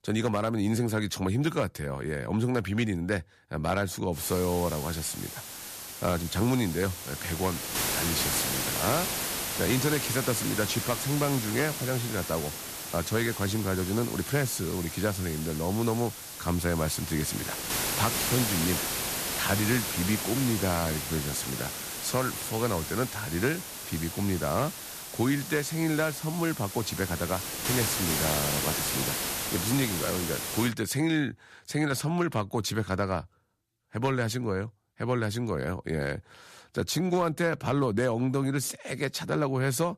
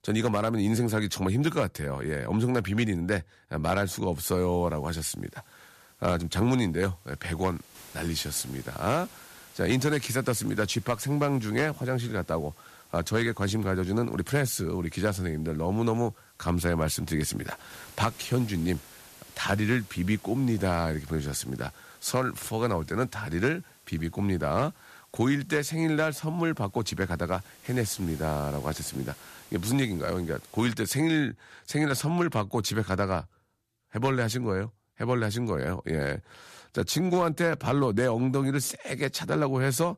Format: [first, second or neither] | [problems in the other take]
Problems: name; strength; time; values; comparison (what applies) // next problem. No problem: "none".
second | hiss; loud; from 4 to 31 s; 2 dB below the speech; faint in the second